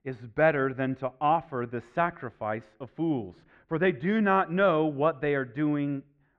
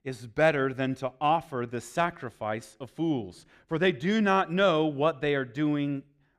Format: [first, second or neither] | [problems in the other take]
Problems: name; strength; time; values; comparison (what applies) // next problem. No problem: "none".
second | muffled; very; fading above 2 kHz